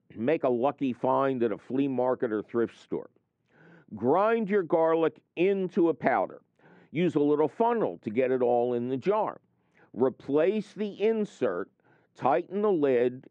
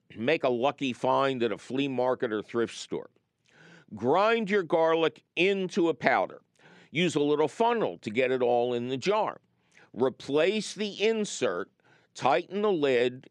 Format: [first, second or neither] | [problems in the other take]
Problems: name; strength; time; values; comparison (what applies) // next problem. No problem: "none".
second | muffled; very; fading above 2.5 kHz